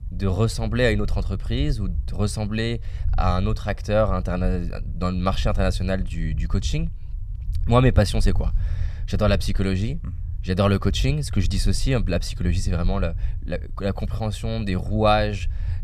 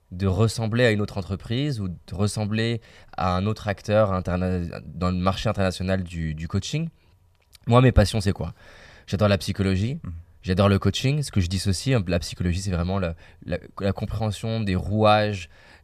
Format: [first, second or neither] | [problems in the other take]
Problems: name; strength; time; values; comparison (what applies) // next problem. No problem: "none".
second | low rumble; faint; throughout; 20 dB below the speech